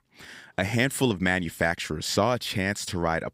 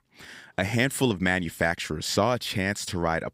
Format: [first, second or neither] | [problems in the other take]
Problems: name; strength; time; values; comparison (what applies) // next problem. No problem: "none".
neither | none